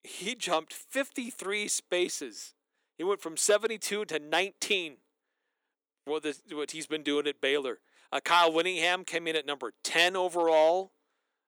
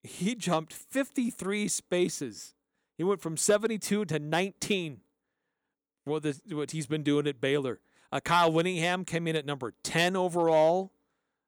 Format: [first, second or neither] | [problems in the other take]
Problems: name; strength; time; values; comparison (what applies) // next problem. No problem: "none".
second | thin; somewhat; fading below 350 Hz